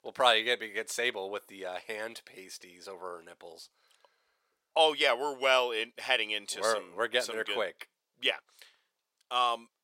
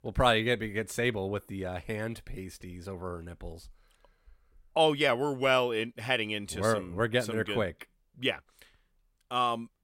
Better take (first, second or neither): second